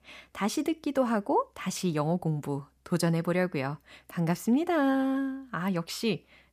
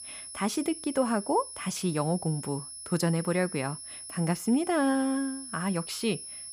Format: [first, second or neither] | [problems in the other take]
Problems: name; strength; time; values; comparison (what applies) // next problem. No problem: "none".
first | high-pitched whine; loud; throughout; 10.5 kHz, 10 dB below the speech